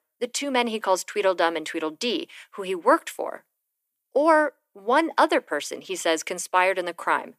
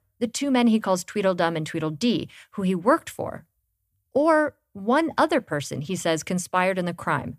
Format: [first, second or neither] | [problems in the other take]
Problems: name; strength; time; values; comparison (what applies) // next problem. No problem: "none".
second | thin; somewhat; fading below 350 Hz